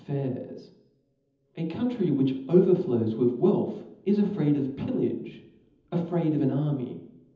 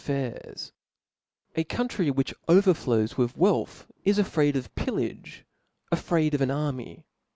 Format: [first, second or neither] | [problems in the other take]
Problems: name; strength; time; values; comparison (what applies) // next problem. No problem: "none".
second | room echo; dies away in 0.8 s